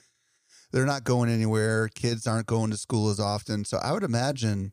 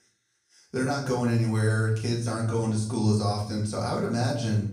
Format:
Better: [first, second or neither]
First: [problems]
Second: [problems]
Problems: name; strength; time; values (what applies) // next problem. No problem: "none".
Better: first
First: none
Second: off-mic speech; far // room echo; noticeable; dies away in 0.6 s